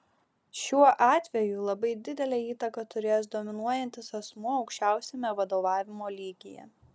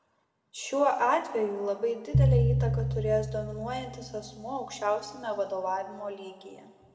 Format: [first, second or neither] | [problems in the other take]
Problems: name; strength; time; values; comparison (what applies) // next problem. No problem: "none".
first | background sound (Piano); 2 dB above the speech // room echo; dies away in 1.6 s